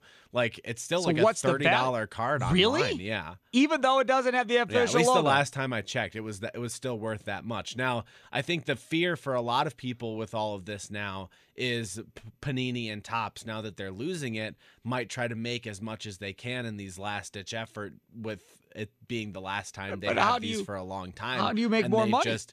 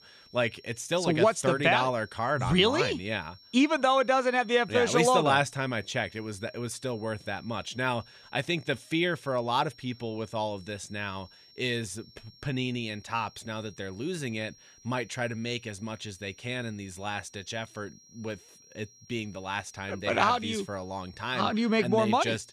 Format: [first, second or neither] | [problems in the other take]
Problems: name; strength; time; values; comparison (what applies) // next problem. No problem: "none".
first | high-pitched whine; faint; throughout; 5.5 kHz, 25 dB below the speech